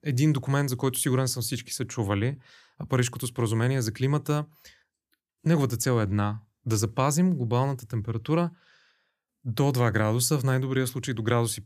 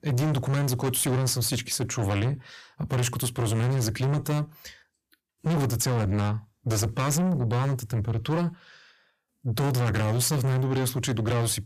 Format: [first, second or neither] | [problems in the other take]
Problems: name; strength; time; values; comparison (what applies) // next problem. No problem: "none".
first | distortion; heavy; 6 dB below the speech